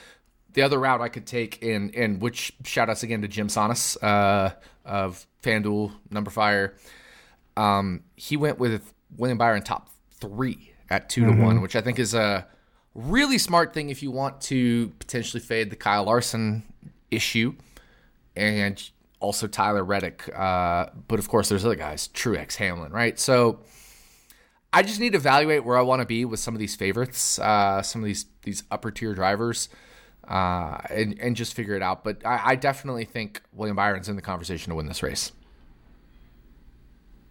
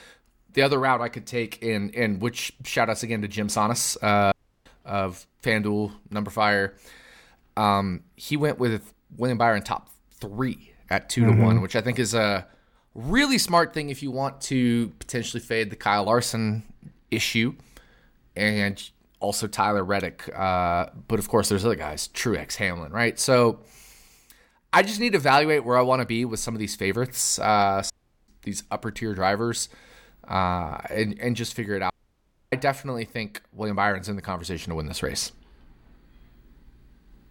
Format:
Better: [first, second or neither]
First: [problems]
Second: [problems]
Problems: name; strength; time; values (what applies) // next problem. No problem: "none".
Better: first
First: none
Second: audio cutting out; at 4.5 s, at 28 s and at 32 s for 0.5 s